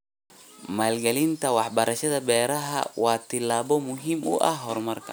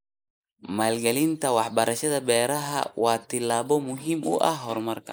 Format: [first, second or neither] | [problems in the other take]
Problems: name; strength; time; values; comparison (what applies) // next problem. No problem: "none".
first | noise reduction (neural mask model Resemble Enhance denoiser)